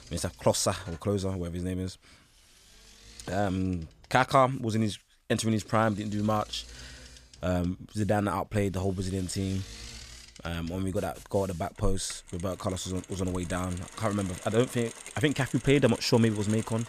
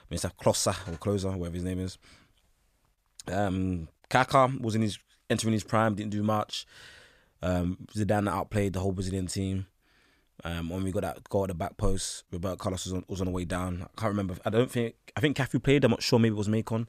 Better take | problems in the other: second | machinery noise; noticeable; throughout; 15 dB below the speech

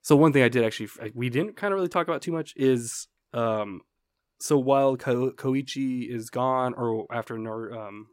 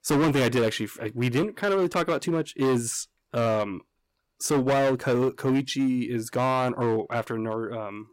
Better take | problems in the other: first | distortion; heavy; 12% of the sound clipped

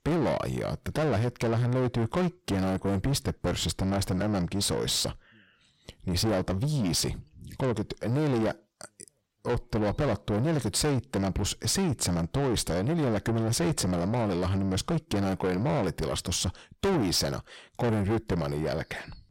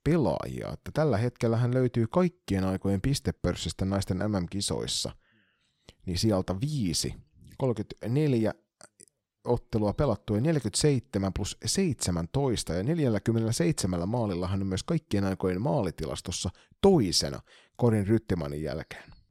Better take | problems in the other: second | distortion; heavy; 6 dB below the speech

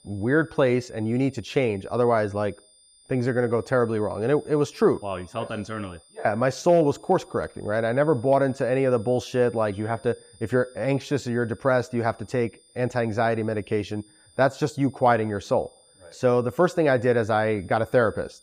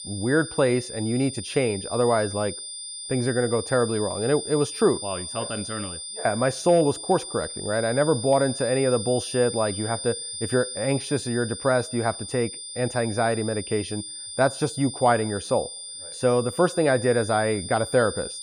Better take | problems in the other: first | high-pitched whine; loud; throughout; 9 kHz, 8 dB below the speech; faint in the first

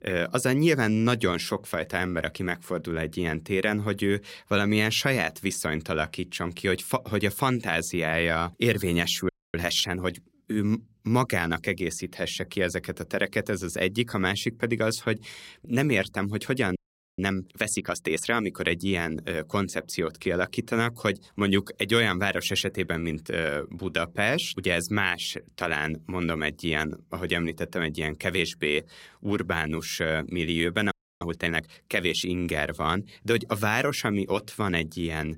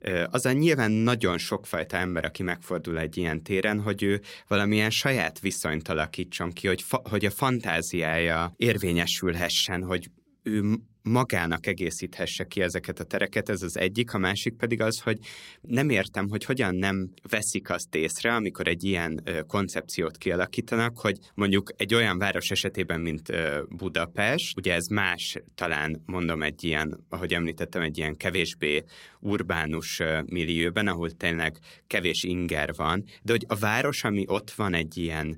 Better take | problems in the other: second | audio freezing; at 9.5 s, at 17 s and at 31 s

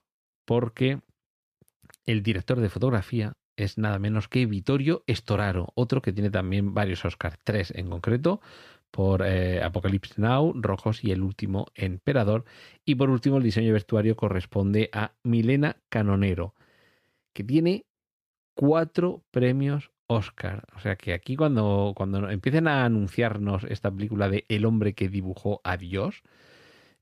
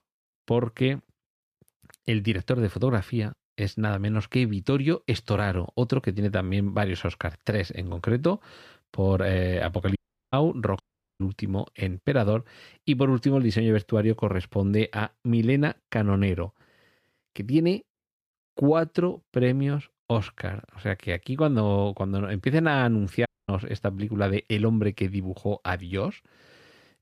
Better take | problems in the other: first | audio cutting out; at 10 s, at 11 s and at 23 s

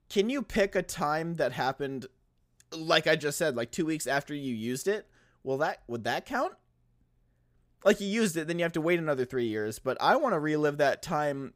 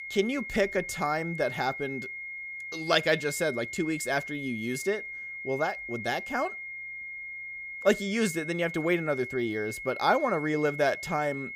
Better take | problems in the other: first | high-pitched whine; loud; throughout; 2 kHz, 8 dB below the speech

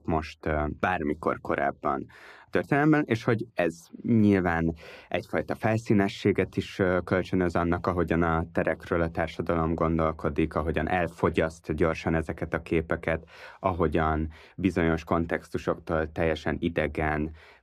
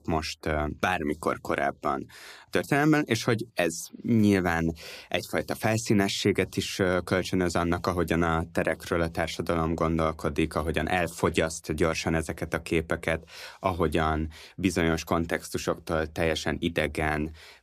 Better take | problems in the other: second | muffled; slightly; fading above 3.5 kHz

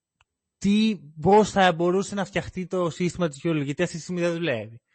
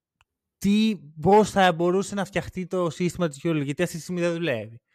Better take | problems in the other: second | garbled, watery; slightly; nothing above 8 kHz

